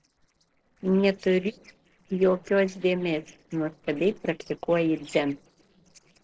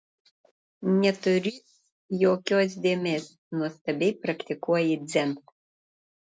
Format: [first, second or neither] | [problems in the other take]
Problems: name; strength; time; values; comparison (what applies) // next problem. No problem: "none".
second | noise reduction (neural separator model SepFormer DNS4)